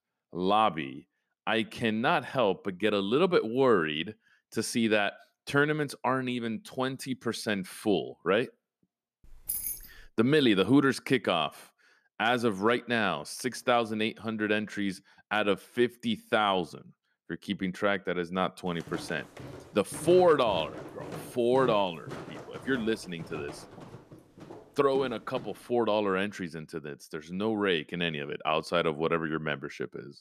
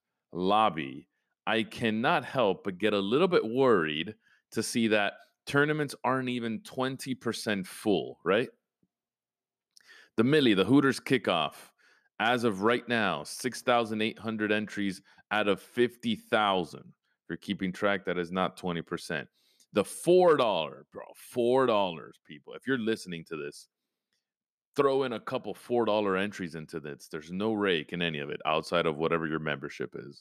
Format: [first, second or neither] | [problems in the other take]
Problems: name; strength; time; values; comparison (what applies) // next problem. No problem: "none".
second | jangling keys; noticeable; at 9.5 s; peak 3 dB below the speech // footsteps; faint; from 19 to 26 s; peak 10 dB below the speech